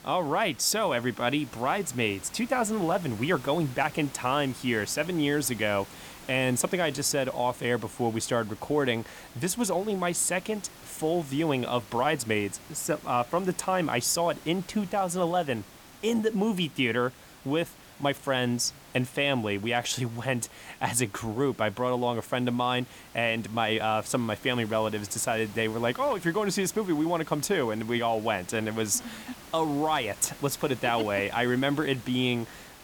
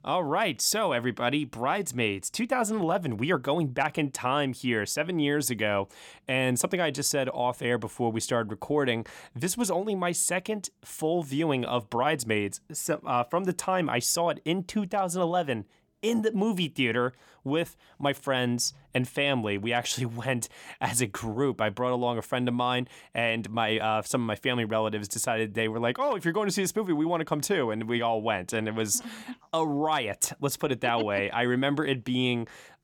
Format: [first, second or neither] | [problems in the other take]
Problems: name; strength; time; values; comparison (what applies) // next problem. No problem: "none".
second | hiss; noticeable; throughout; 20 dB below the speech